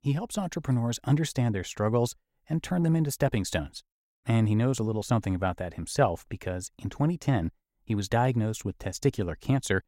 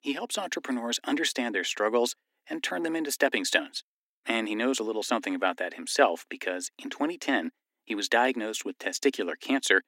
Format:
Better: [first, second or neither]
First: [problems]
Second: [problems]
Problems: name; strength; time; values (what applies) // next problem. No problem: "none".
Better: first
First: none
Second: thin; somewhat; fading below 250 Hz